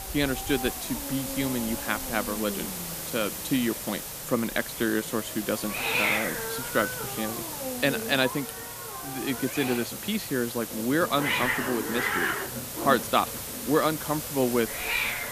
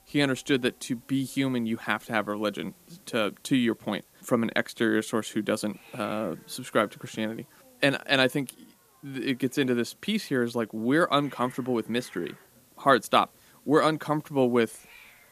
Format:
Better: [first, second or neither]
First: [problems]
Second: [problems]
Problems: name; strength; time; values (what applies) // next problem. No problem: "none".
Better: second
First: hiss; loud; throughout; 2 dB below the speech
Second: hiss; faint; throughout; 25 dB below the speech